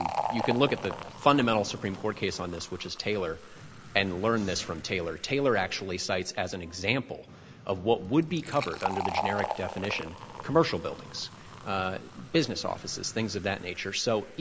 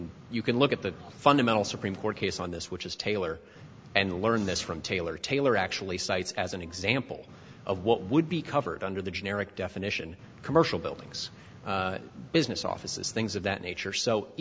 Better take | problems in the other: second | background sound (Fill (with liquid)); 10 dB below the speech

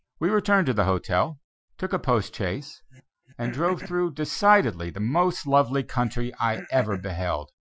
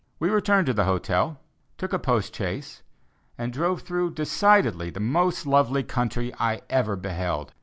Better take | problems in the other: second | noise reduction (classical method Wiener filter)

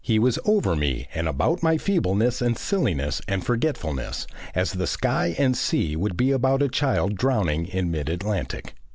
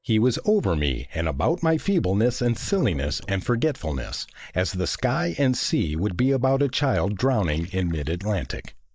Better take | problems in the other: first | noise reduction (neural mask model DeepFilterNet 3)

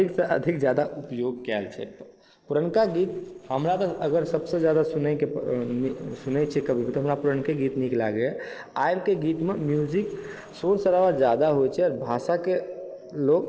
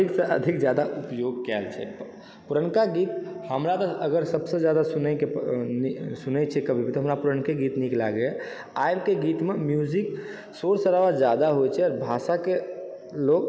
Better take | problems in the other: second | noise reduction (neural separator model SepFormer DNS4)

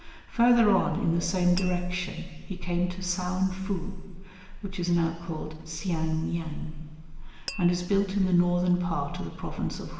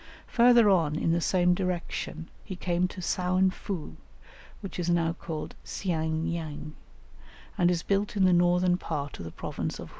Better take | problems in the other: second | background sound (Glass); 17 dB below the speech // room echo; dies away in 2 s

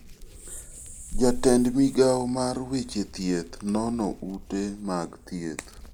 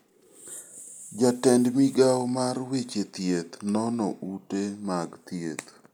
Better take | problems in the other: second | background sound (Hands); 10 dB below the speech

